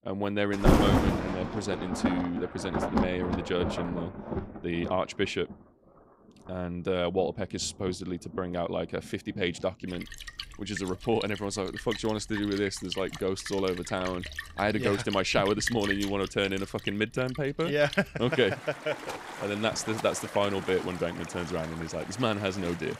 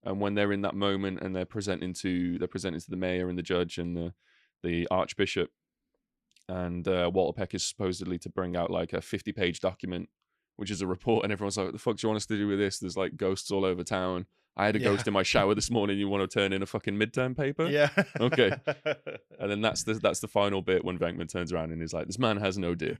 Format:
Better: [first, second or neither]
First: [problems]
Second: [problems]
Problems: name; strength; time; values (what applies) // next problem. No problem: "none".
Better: second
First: rain or running water; loud; throughout; 4 dB below the speech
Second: none